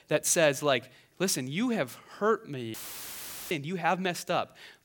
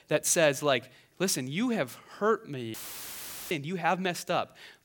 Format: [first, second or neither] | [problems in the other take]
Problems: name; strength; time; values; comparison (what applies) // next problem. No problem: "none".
neither | audio cutting out; filled with static; at 2.5 s for 1 s; the same in both